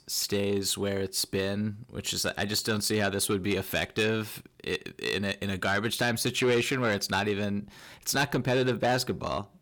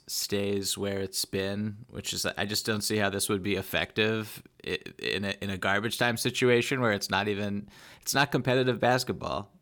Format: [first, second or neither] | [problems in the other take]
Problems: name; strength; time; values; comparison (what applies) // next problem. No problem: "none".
second | distortion; slight; 10 dB below the speech